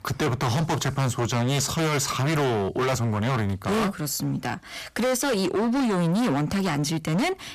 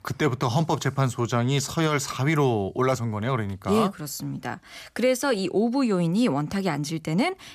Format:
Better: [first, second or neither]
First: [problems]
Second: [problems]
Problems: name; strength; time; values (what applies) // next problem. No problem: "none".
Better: second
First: distortion; heavy; 31% of the sound clipped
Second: none